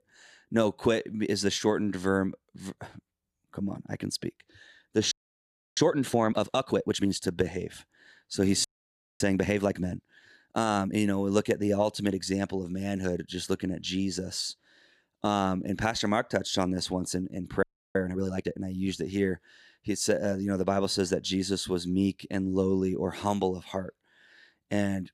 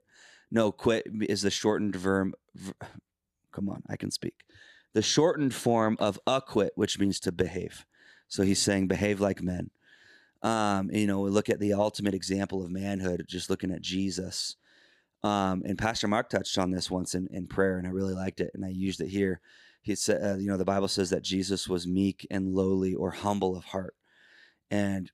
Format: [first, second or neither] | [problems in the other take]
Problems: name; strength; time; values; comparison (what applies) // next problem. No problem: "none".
second | audio freezing; at 5 s for 0.5 s, at 8.5 s for 0.5 s and at 18 s